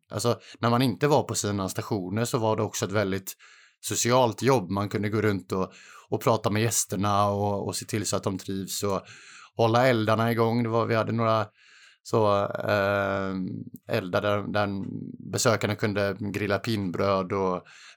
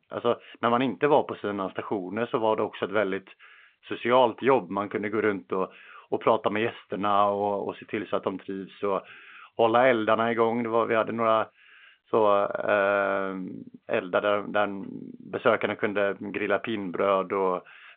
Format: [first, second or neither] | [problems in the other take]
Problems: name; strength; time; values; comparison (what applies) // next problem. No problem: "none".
first | phone-call audio